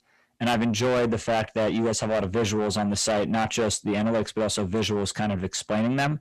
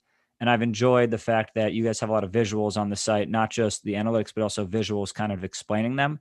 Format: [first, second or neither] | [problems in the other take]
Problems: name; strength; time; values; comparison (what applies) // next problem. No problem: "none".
second | distortion; heavy; 6 dB below the speech